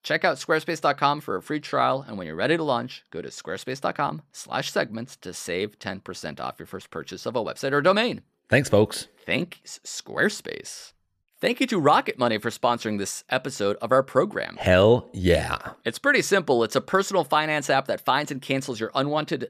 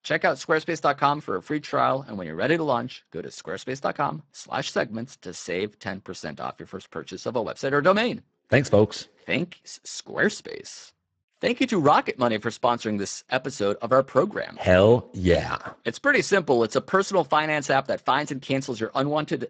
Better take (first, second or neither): first